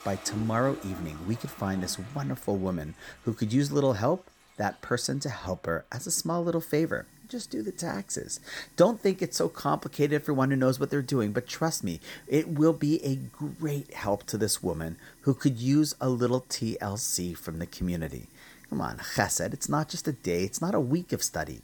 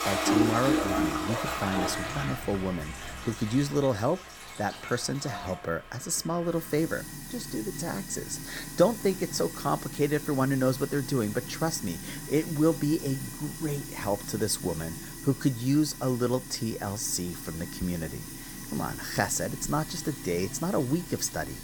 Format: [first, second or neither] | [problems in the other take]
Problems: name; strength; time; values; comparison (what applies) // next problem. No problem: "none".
first | household noises; loud; throughout; 6 dB below the speech; faint in the first